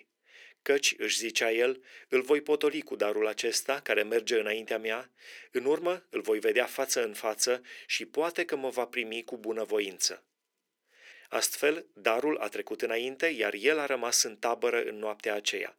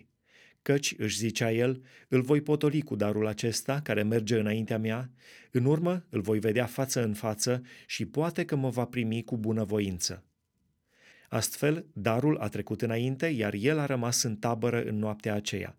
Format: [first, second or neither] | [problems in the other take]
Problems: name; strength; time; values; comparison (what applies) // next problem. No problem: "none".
second | thin; very; fading below 400 Hz